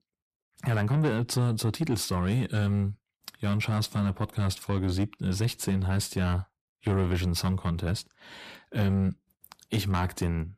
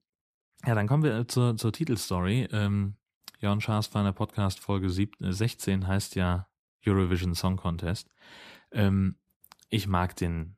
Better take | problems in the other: second | distortion; slight; 10 dB below the speech

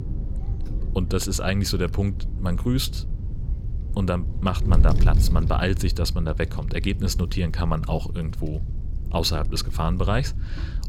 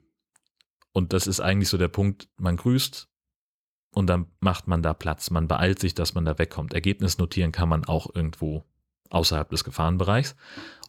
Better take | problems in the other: second | wind noise on the microphone; occasional gusts; 15 dB below the speech

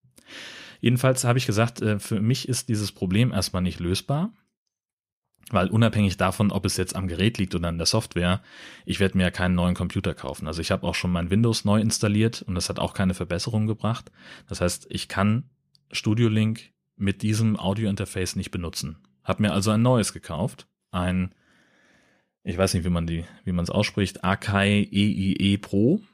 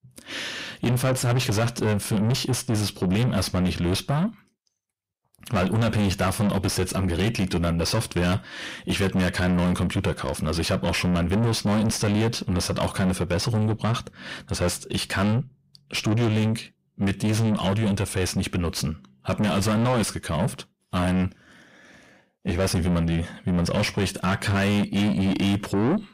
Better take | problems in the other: first | distortion; heavy; 6 dB below the speech

